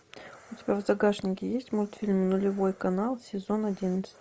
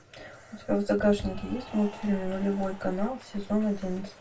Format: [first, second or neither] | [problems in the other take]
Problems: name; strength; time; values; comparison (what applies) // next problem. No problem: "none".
first | background sound (Applause / Cheering); 17 dB below the speech // room echo; dies away in 0.1 s